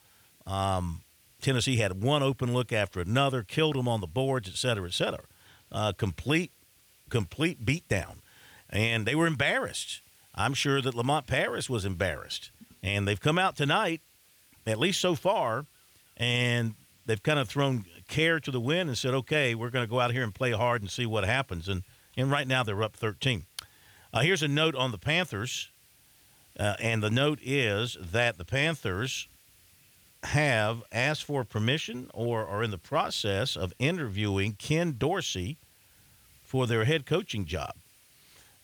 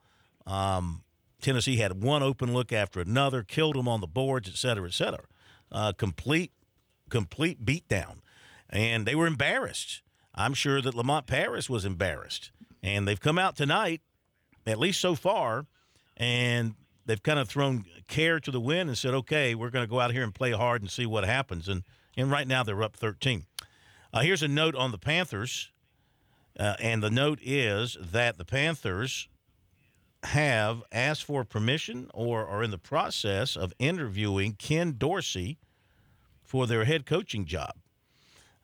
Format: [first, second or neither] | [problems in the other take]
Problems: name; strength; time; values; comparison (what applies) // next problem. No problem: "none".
second | hiss; faint; throughout; 30 dB below the speech